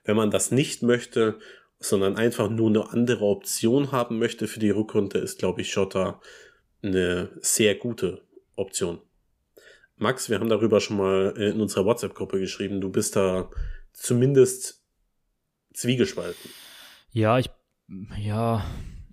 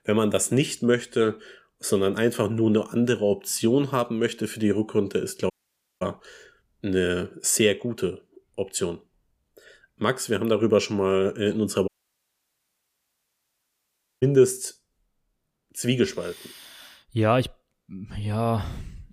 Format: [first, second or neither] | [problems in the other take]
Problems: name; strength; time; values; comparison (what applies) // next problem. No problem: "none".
first | audio cutting out; at 5.5 s for 0.5 s and at 12 s for 2.5 s